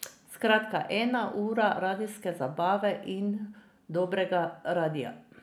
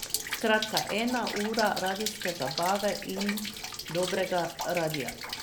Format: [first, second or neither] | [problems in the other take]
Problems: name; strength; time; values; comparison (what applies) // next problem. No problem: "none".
first | background sound (Rain); 6 dB below the speech